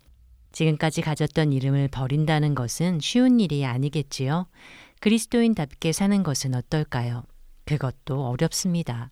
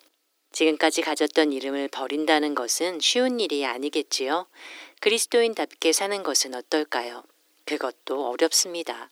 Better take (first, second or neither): first